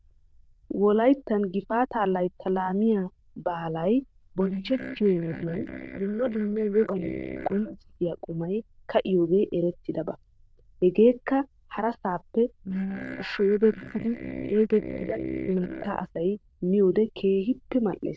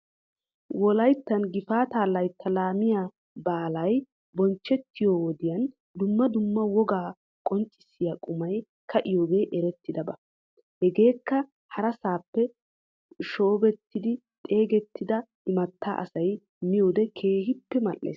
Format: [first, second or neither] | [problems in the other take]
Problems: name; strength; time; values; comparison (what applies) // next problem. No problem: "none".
second | noise reduction (neural diffusion model UNIVERSE++)